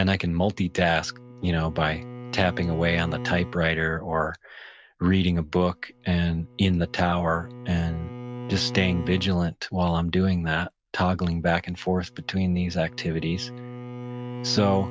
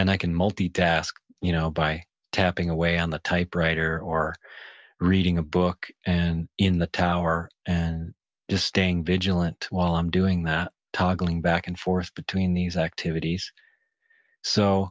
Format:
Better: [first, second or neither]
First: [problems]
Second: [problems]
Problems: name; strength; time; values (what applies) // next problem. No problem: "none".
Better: second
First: background sound (Bowed string instrument); 14 dB below the speech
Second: none